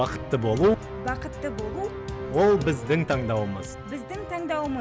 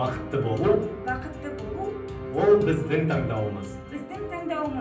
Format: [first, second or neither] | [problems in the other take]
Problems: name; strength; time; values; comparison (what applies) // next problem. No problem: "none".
first | room echo; dies away in 0.6 s